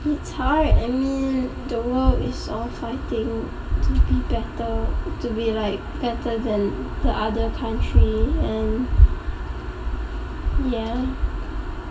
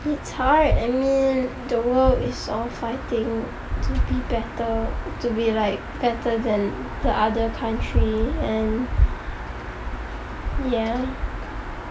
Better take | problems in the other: second | room echo; dies away in 2.5 s

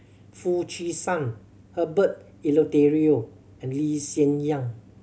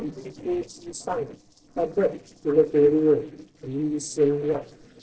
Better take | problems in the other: first | noise reduction (neural separator model SepFormer DNS4)

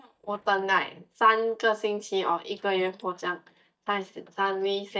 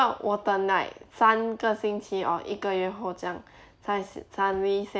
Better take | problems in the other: second | noise reduction (neural mask model DeepFilterNet 3)

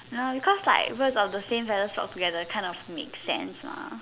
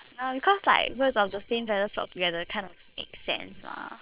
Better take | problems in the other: first | noise reduction (neural separator model SepFormer WHAM!)

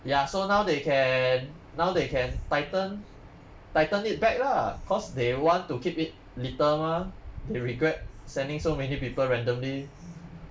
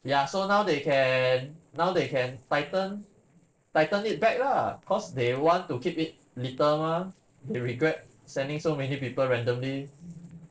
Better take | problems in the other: first | noise reduction (neural separator model SepFormer DNS4)

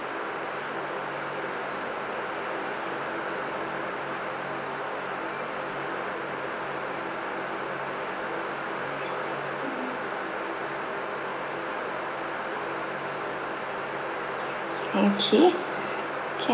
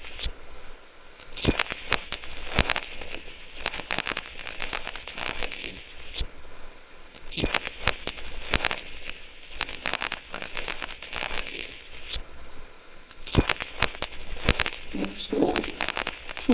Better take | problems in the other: first | noise reduction (neural separator model SepFormer WHAMR!)

